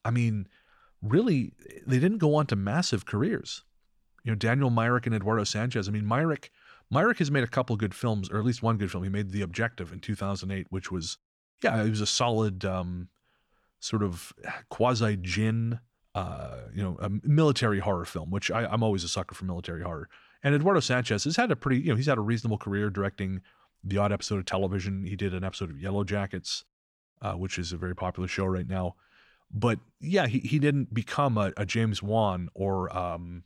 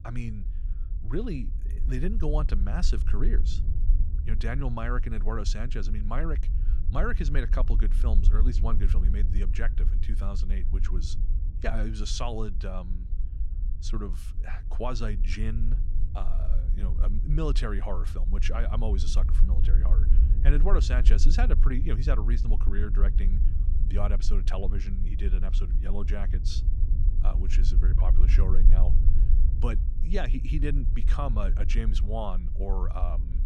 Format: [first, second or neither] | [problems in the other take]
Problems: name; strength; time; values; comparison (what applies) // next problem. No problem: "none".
first | low rumble; noticeable; throughout; 10 dB below the speech